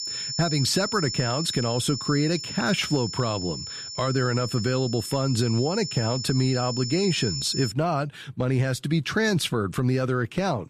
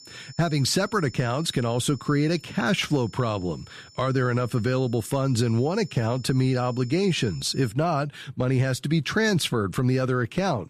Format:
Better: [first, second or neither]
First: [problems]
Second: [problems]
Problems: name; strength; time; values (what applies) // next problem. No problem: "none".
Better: second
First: high-pitched whine; loud; until 7.5 s; 5.5 kHz, 6 dB below the speech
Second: high-pitched whine; faint; until 7.5 s; 5.5 kHz, 20 dB below the speech